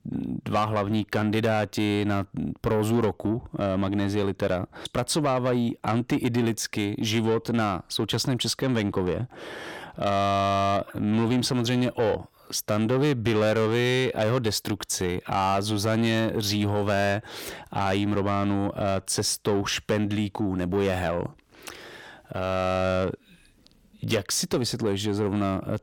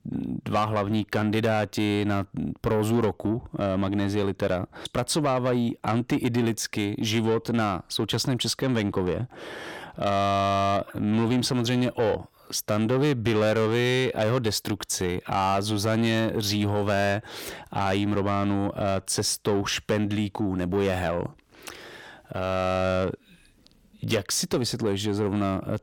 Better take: neither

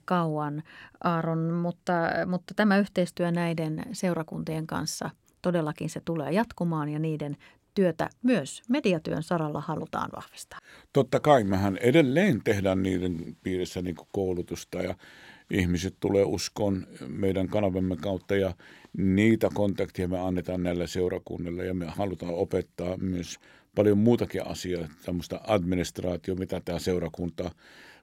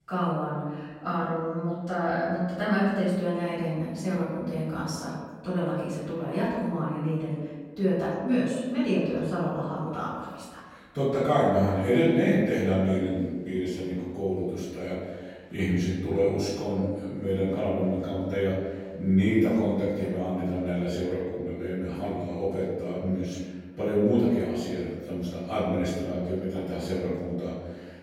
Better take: first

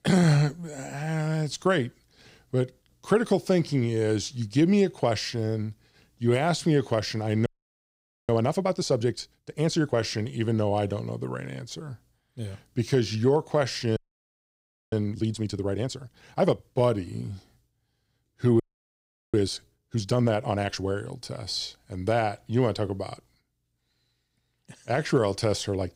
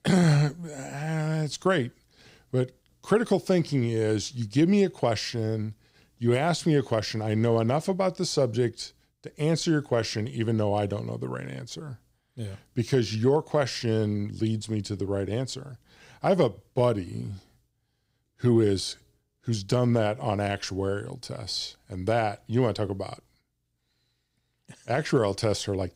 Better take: second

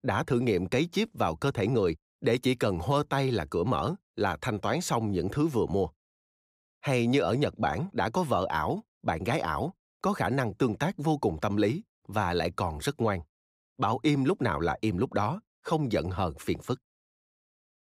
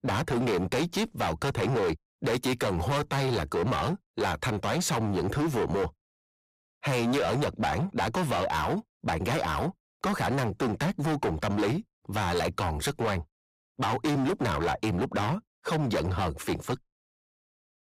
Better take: first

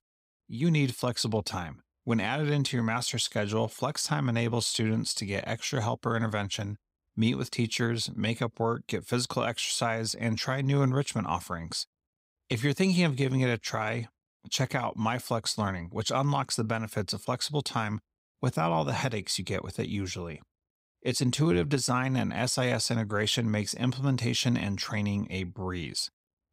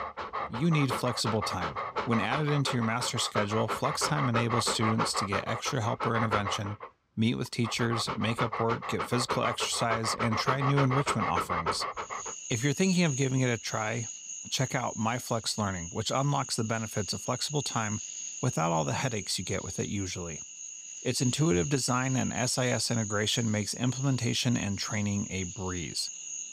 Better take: first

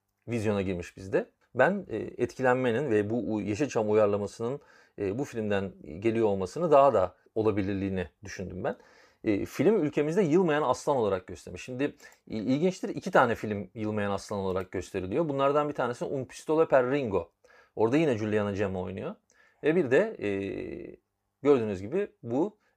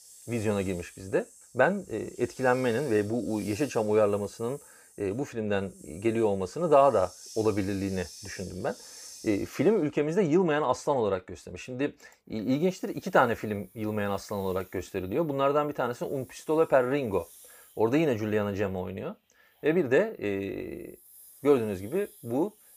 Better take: first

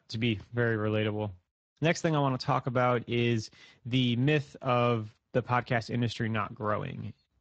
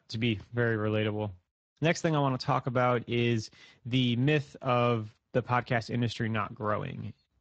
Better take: neither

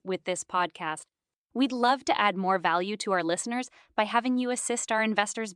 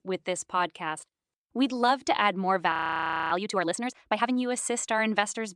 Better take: first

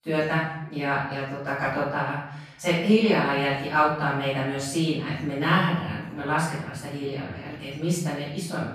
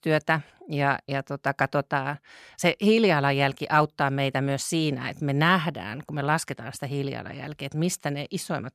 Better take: second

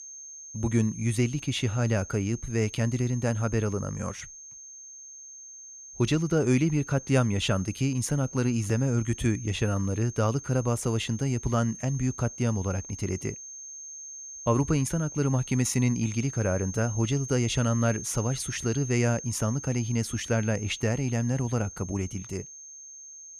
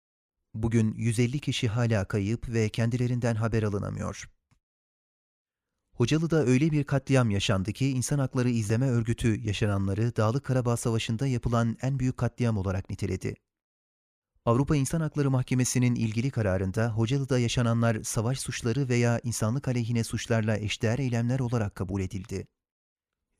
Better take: second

